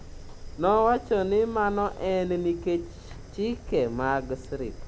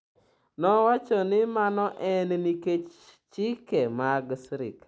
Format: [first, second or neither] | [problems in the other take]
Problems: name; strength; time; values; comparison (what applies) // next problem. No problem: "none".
second | background sound (Fire); 13 dB below the speech